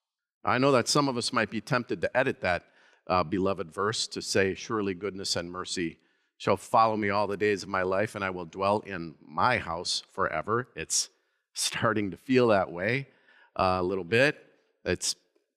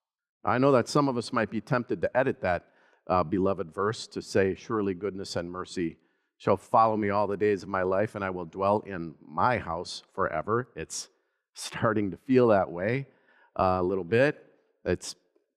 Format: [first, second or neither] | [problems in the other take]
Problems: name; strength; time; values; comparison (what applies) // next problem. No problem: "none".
first | muffled; slightly; fading above 1.5 kHz